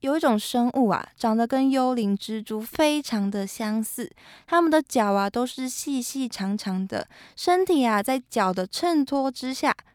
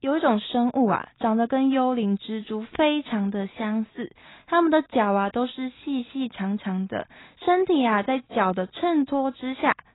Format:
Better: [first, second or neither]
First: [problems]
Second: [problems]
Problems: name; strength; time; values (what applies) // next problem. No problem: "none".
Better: first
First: none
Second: garbled, watery; badly; nothing above 4 kHz